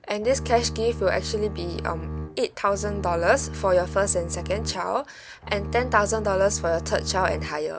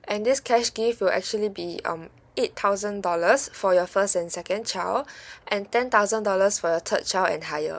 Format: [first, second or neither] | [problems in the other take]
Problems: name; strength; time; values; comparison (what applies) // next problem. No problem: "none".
second | background sound (Bowed string instrument); 8 dB below the speech